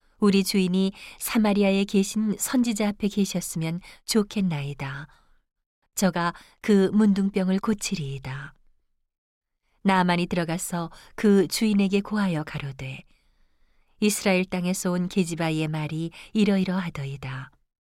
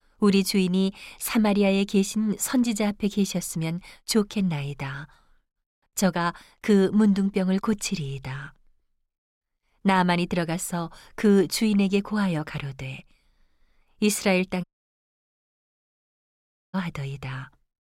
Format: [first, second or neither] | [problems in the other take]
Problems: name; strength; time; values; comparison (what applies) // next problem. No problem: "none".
first | audio cutting out; at 15 s for 2 s